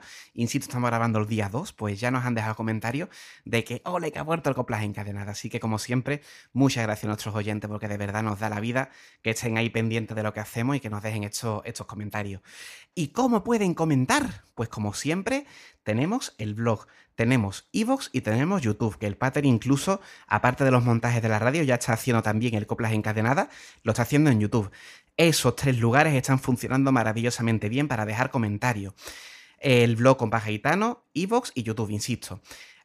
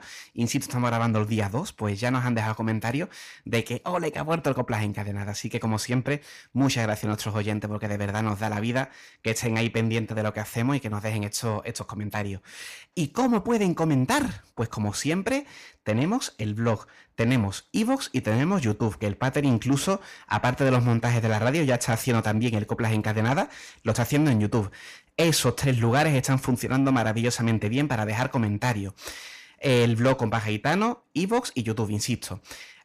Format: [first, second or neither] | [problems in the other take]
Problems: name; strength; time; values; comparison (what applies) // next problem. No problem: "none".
first | distortion; slight; 10 dB below the speech